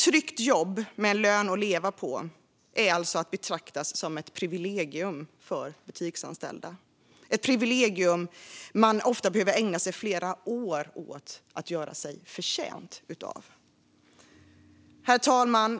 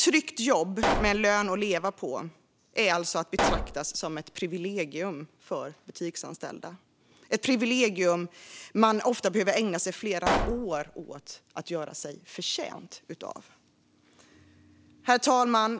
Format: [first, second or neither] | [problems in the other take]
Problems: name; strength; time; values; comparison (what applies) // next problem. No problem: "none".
first | background sound (Explosion); 1 dB below the speech